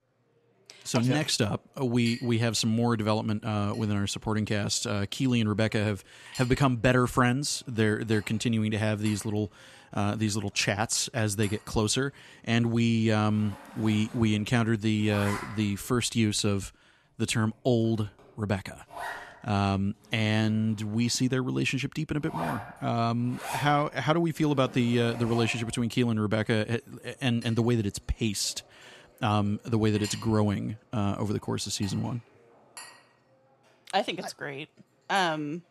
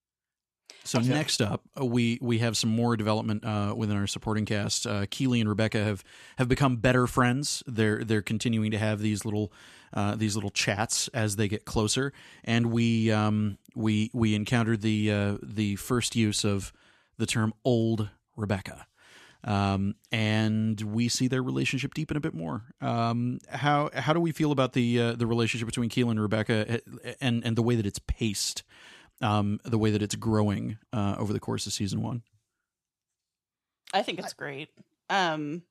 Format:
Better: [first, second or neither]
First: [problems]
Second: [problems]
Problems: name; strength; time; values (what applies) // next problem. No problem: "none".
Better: second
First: household noises; noticeable; throughout; 15 dB below the speech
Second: none